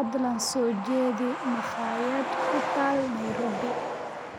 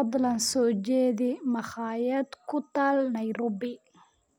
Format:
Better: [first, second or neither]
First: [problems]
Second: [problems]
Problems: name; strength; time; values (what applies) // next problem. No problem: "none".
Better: second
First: background sound (Truck); 3 dB below the speech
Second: none